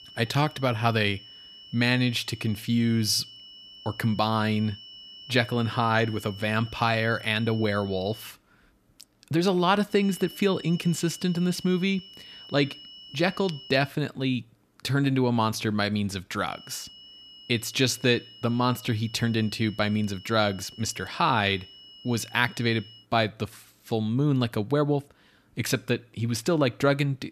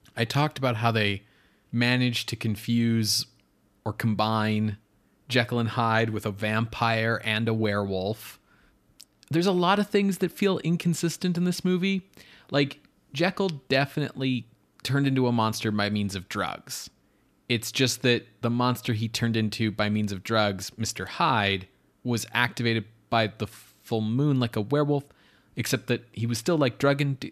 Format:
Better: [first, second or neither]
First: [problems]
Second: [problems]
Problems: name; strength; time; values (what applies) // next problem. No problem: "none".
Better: second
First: high-pitched whine; noticeable; until 8.5 s, from 10 to 14 s and from 17 to 23 s; 3 kHz, 20 dB below the speech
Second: none